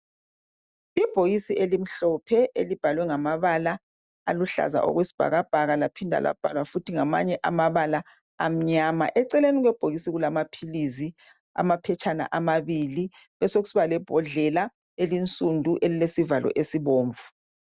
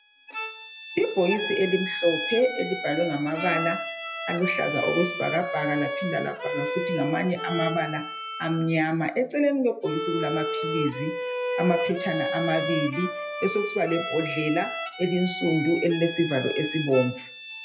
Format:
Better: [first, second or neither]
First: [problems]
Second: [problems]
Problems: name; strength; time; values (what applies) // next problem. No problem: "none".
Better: first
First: none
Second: noise reduction (classical method WPE with log-MMSE)